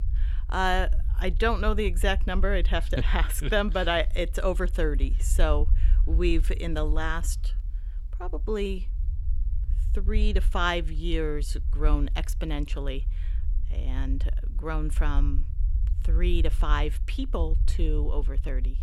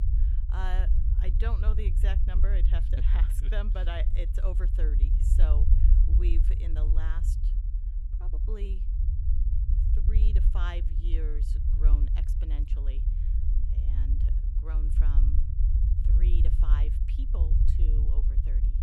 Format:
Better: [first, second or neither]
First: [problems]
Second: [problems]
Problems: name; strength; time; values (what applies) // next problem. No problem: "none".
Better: first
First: low rumble; faint; throughout; 20 dB below the speech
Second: low rumble; loud; throughout; 4 dB below the speech